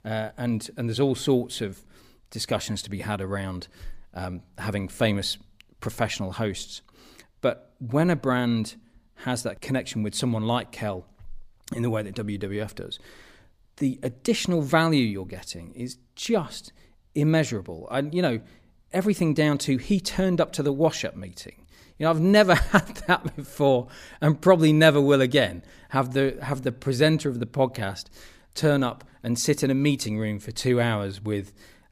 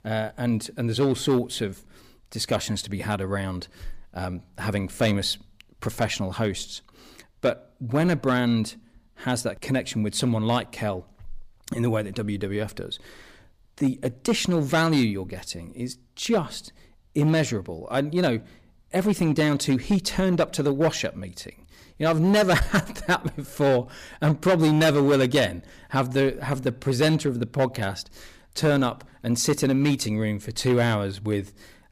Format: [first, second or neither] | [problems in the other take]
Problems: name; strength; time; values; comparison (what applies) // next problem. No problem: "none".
first | distortion; slight; 4% of the sound clipped